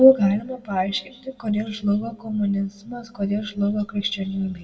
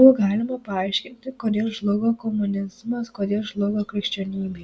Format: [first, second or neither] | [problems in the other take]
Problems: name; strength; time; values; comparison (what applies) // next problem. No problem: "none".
second | room echo; dies away in 0.9 s